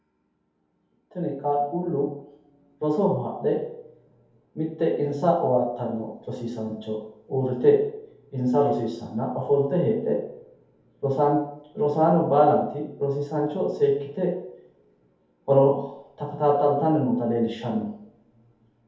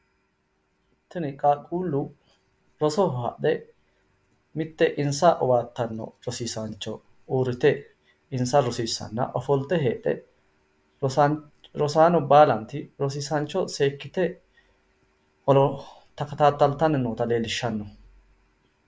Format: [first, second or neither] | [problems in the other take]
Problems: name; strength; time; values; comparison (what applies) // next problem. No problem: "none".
second | room echo; dies away in 0.8 s